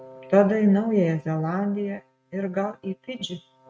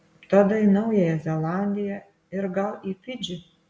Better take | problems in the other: second | noise reduction (neural mask model RNNoise)

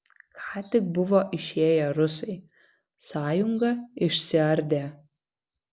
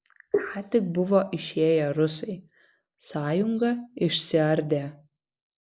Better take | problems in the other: first | noise reduction (neural mask model Resemble Enhance denoiser)

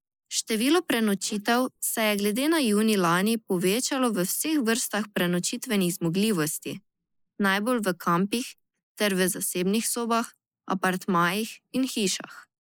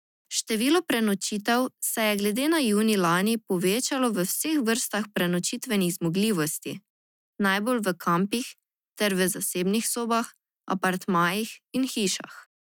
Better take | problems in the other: second | noise reduction (neural mask model Resemble Enhance denoiser)

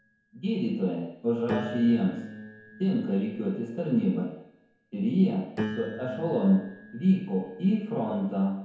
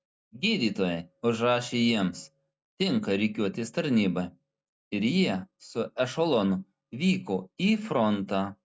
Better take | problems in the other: second | background sound (Piano); 13 dB below the speech // room echo; dies away in 0.9 s

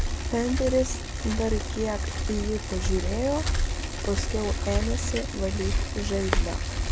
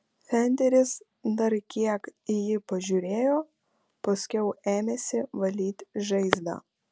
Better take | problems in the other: second | background sound (Bicycle); 2 dB above the speech

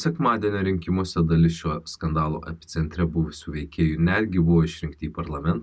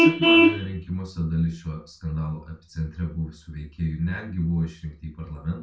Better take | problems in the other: first | background sound (Vehicle horn, car horn, honking); 3 dB above the speech // room echo; dies away in 0.3 s

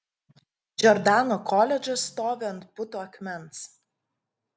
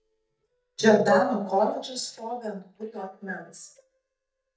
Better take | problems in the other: first | noise reduction (neural mask model DeepFilterNet 3)

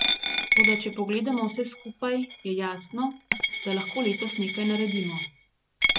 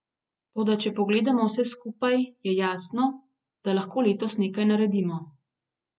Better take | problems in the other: second | background sound (Coin (dropping)); 1 dB above the speech

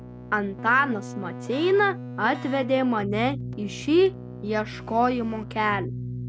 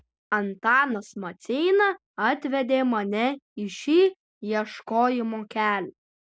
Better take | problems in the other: second | background sound (Keyboard (musical)); 10 dB below the speech

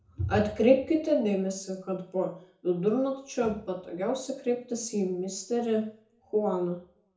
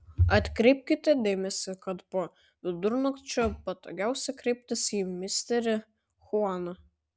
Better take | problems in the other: second | room echo; dies away in 0.5 s

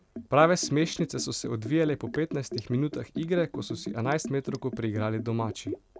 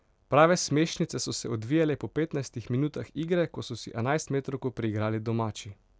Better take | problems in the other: second | background sound (Liquid); 11 dB below the speech

